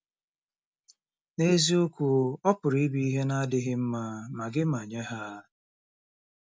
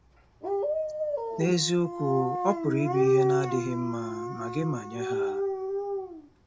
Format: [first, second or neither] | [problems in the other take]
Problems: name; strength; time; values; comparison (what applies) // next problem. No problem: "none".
first | background sound (Dog); 1 dB above the speech